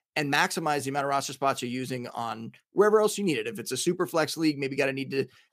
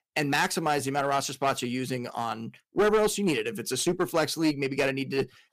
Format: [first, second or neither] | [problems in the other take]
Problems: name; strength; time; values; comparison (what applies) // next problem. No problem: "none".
first | distortion; slight; 6% of the sound clipped